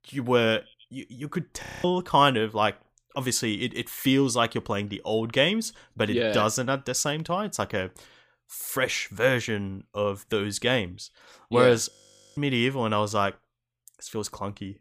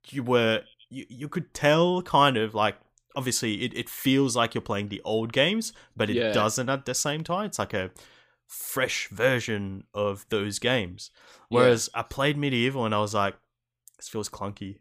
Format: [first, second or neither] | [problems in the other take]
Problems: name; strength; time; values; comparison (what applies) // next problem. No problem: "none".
second | audio freezing; at 1.5 s and at 12 s